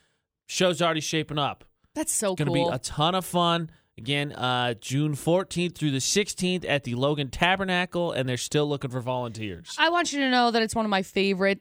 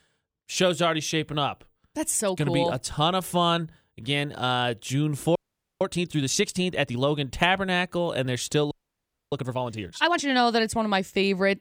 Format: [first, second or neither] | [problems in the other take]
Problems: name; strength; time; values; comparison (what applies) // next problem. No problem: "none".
first | audio freezing; at 5.5 s and at 8.5 s for 0.5 s